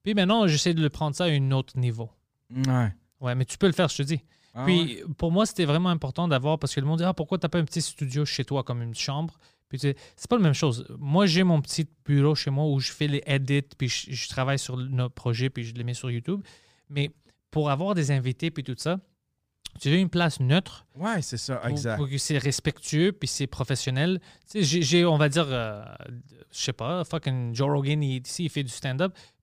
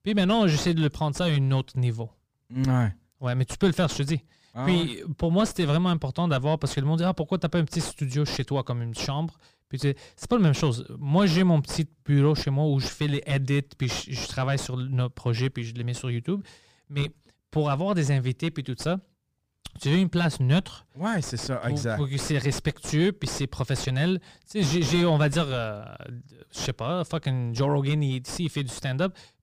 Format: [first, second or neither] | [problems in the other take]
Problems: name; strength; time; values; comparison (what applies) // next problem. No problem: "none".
first | distortion; slight; 8 dB below the speech